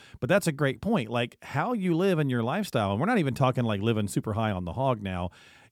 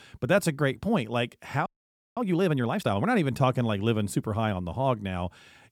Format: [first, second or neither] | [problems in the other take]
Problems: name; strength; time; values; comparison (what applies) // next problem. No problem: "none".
first | audio freezing; at 1.5 s for 0.5 s